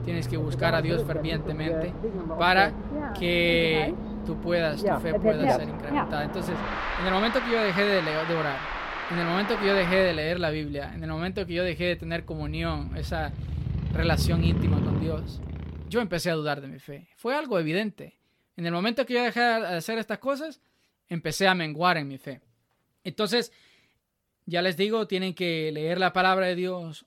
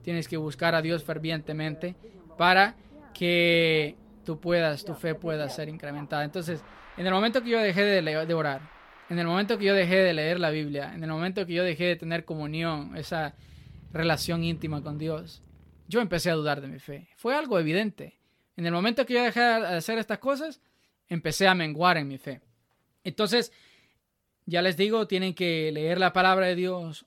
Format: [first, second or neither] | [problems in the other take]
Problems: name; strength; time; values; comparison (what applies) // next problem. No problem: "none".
second | traffic noise; loud; until 16 s; 3 dB below the speech; faint in the second